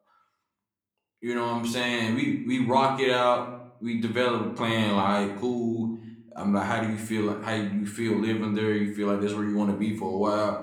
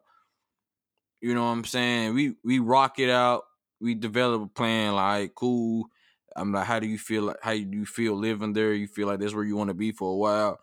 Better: second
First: room echo; slight; dies away in 0.6 s // off-mic speech; somewhat distant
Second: none

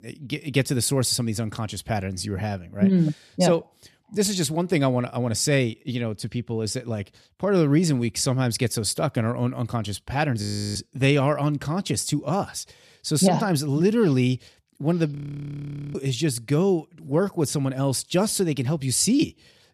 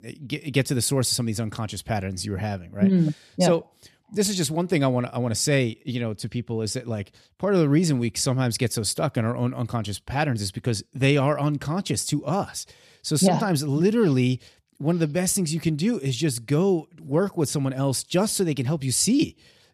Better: second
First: audio freezing; at 10 s and at 15 s for 1 s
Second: none

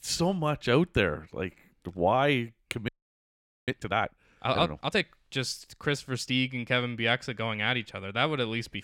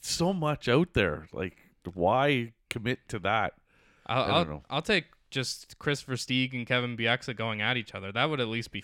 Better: second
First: audio freezing; at 3 s for 1 s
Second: none

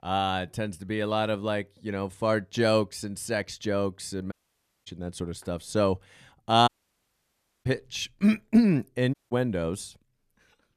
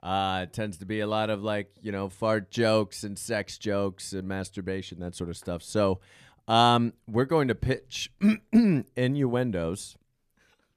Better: second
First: audio cutting out; at 4.5 s for 0.5 s, at 6.5 s for 1 s and at 9 s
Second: none

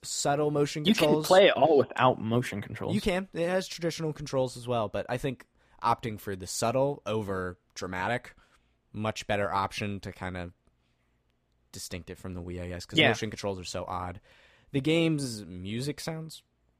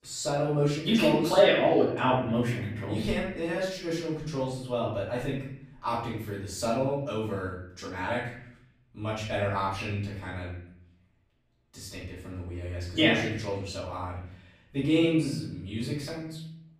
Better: first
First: none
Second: off-mic speech; far // room echo; noticeable; dies away in 0.7 s

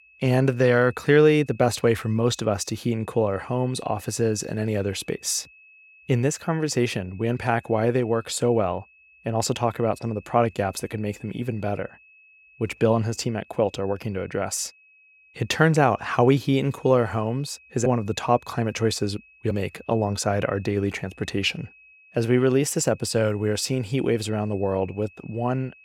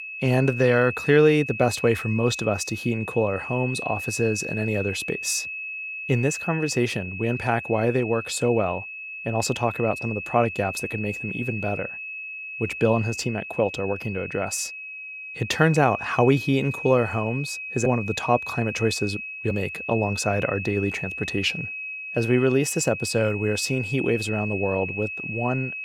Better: first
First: high-pitched whine; faint; throughout; 2.5 kHz, 25 dB below the speech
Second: high-pitched whine; loud; throughout; 2.5 kHz, 7 dB below the speech

